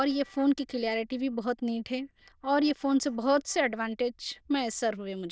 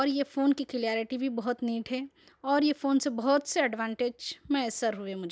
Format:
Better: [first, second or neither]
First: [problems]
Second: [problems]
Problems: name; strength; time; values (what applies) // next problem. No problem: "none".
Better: second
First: noise reduction (neural diffusion model UNIVERSE++)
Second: none